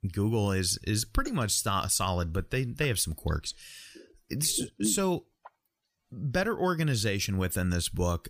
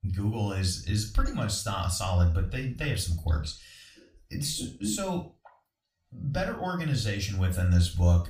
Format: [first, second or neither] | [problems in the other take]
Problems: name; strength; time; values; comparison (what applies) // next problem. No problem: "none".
first | room echo; slight; dies away in 0.3 s // off-mic speech; far